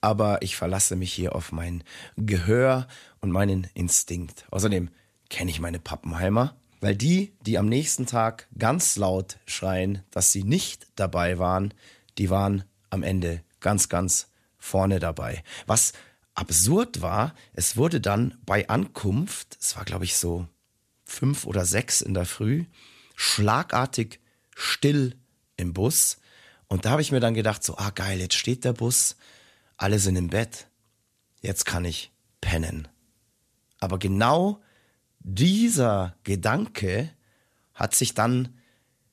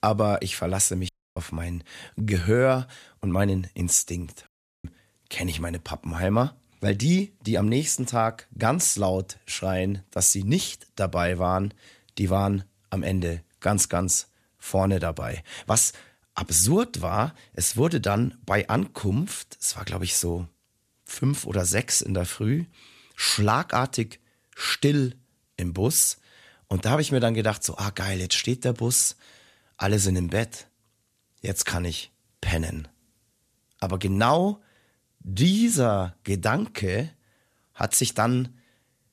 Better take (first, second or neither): first